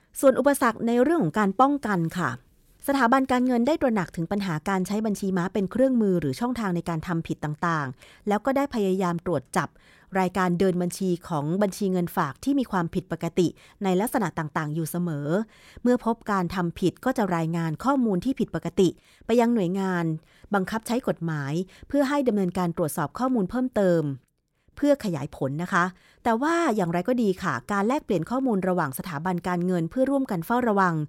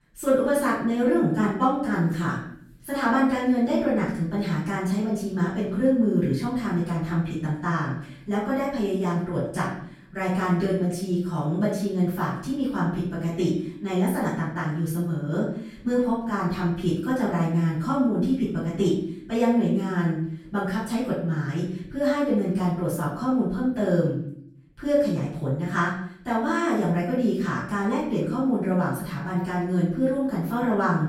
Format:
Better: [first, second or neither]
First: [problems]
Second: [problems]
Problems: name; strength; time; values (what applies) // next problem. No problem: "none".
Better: first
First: none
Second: off-mic speech; far // room echo; noticeable; dies away in 0.6 s